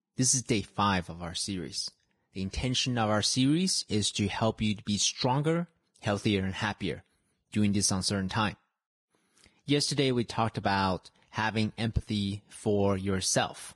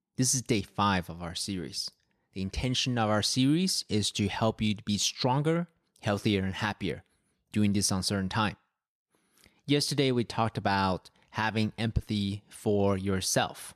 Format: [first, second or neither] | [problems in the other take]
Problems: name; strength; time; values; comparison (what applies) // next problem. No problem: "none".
second | garbled, watery; badly; nothing above 10.5 kHz